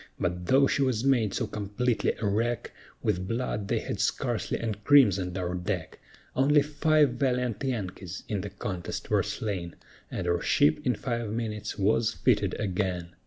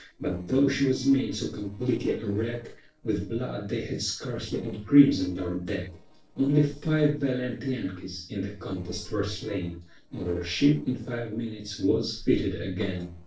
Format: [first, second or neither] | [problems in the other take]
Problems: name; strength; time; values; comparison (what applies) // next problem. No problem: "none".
first | noise reduction (neural separator model SepFormer DNS4)